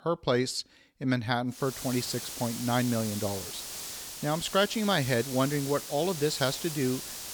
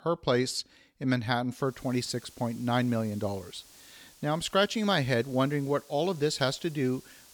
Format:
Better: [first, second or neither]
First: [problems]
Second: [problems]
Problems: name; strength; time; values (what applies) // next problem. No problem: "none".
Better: second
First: hiss; loud; from 1.5 s on; 7 dB below the speech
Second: hiss; faint; from 1.5 s on; 25 dB below the speech